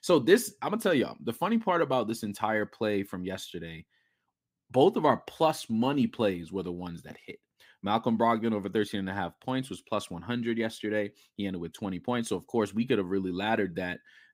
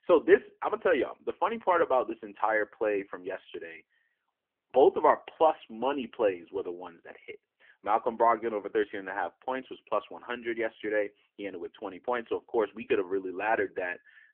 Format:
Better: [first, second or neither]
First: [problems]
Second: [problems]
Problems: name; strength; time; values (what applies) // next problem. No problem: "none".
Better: first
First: none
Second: phone-call audio